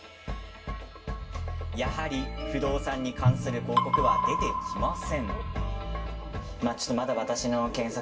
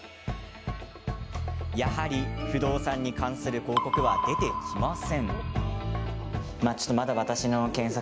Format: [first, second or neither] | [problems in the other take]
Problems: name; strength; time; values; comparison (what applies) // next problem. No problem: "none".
second | background sound (Drum); 8 dB below the speech // room echo; dies away in 0.1 s